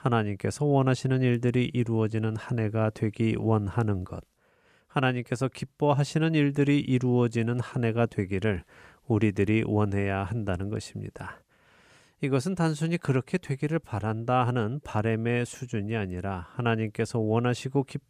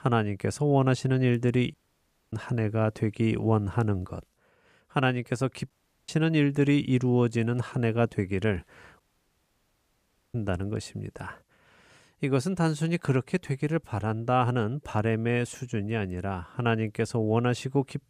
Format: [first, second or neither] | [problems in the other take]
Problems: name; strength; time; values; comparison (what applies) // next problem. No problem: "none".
first | audio cutting out; at 1.5 s for 0.5 s, at 5.5 s and at 9 s for 1.5 s